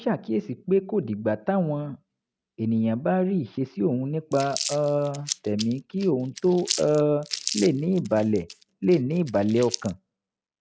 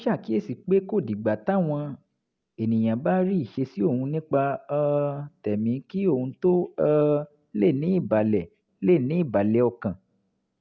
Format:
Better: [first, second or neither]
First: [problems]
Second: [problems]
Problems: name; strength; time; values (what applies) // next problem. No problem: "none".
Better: second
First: noise reduction (neural mask model RNNoise)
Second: none